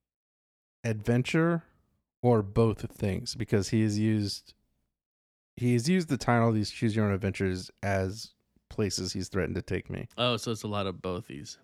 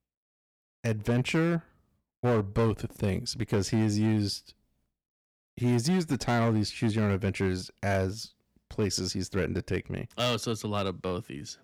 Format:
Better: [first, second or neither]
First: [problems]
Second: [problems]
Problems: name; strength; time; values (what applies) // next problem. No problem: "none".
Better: first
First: none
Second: distortion; slight; 6% of the sound clipped